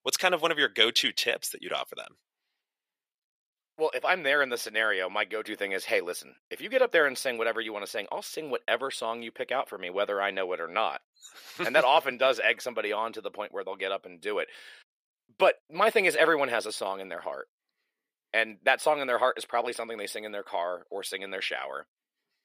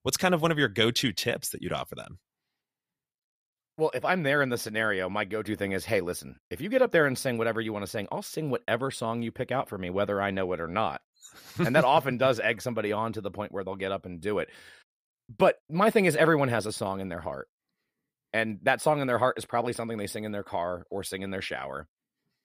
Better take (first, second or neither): second